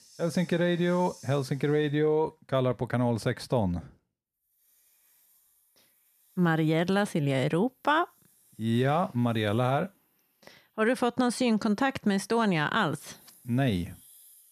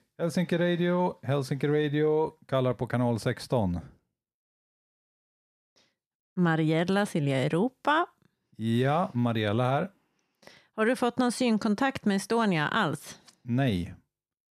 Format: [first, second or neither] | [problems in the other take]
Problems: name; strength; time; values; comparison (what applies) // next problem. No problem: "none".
second | hiss; faint; throughout; 30 dB below the speech